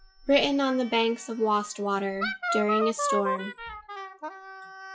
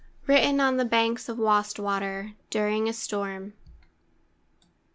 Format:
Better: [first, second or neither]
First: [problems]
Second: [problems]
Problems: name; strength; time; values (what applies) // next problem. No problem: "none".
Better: second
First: noise reduction (classical method WPE with log-MMSE)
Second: none